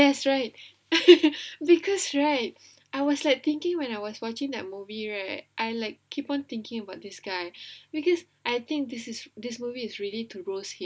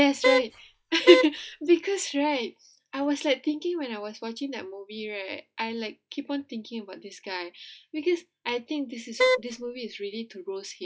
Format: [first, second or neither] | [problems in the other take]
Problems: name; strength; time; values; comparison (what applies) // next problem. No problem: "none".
first | noise reduction (classical method log-MMSE)